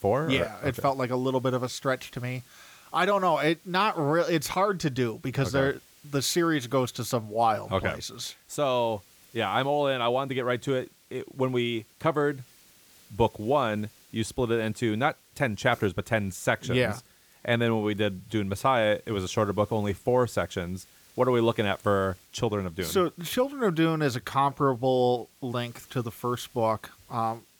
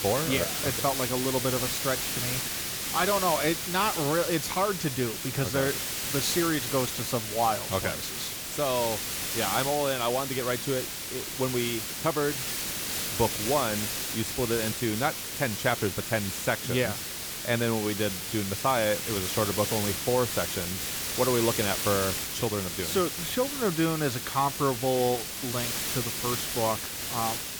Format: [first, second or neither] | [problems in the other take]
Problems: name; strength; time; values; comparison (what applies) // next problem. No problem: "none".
first | hiss; loud; throughout; 1 dB below the speech; faint in the first